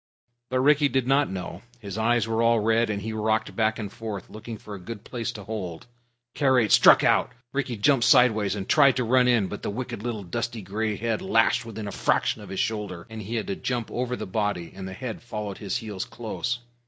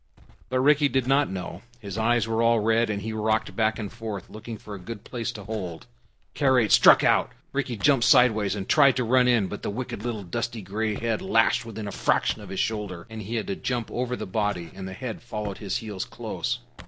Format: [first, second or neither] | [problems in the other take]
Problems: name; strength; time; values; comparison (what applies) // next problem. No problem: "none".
first | background sound (Walk, footsteps); 20 dB below the speech